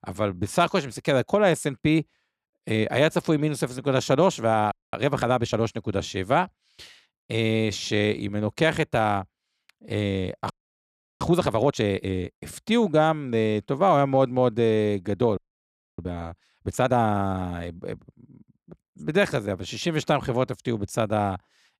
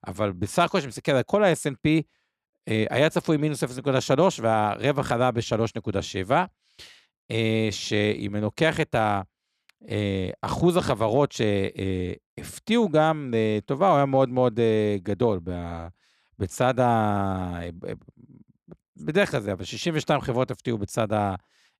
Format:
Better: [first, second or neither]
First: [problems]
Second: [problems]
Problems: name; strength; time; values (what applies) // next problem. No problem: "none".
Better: second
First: audio freezing; at 4.5 s, at 11 s for 0.5 s and at 15 s for 0.5 s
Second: none